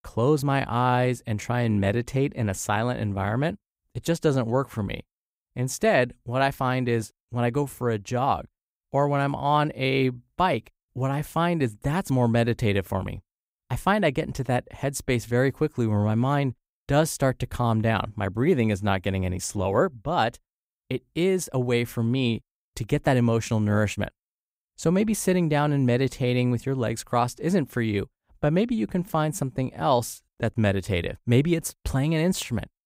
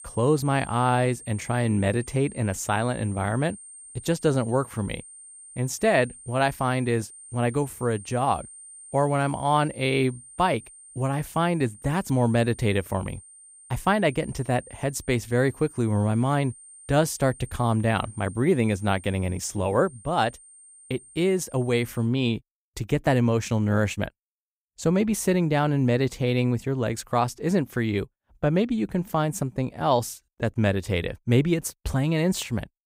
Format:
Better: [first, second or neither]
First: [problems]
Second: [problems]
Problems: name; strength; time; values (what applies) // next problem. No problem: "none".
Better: first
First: none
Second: high-pitched whine; noticeable; until 22 s; 8.5 kHz, 20 dB below the speech